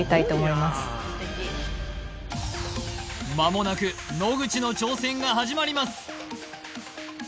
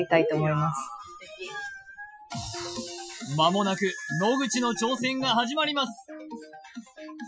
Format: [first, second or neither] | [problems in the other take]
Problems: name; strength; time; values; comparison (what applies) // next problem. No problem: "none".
first | noise reduction (classical method Wiener filter)